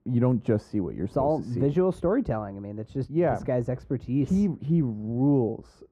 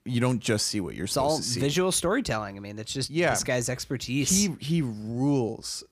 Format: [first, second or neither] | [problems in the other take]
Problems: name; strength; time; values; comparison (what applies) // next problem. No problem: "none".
second | muffled; very; fading above 2 kHz